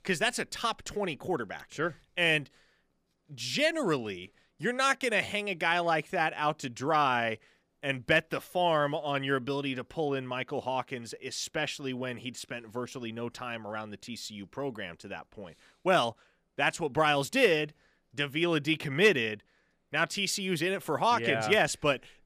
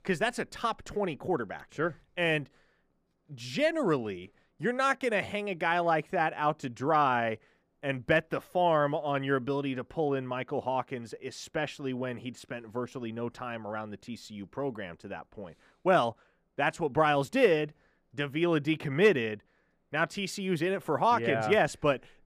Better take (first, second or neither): first